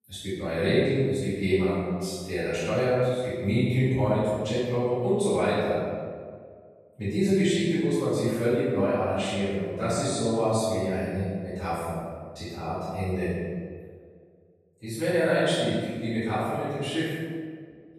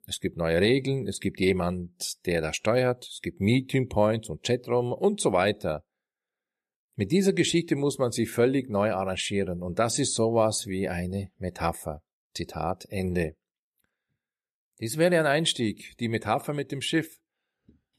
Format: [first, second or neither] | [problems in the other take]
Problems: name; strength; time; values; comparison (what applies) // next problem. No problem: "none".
second | off-mic speech; far // room echo; strong; dies away in 1.6 s